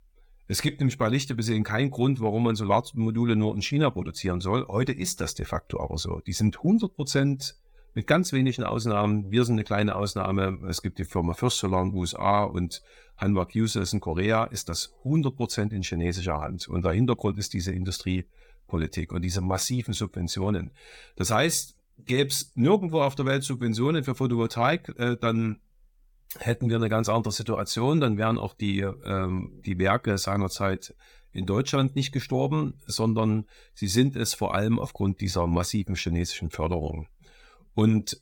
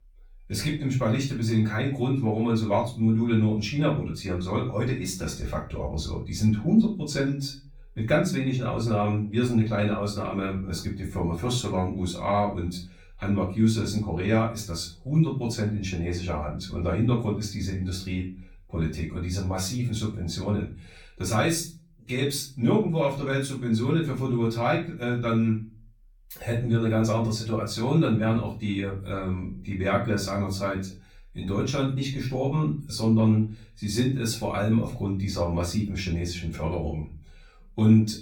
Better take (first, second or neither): first